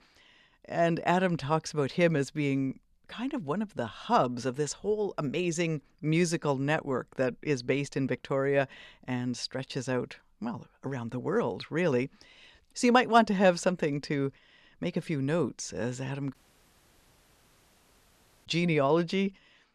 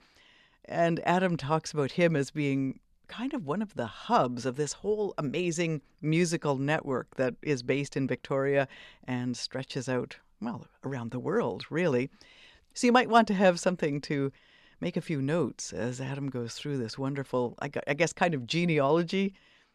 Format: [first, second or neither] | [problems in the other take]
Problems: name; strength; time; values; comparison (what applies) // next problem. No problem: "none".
second | audio cutting out; at 16 s for 2 s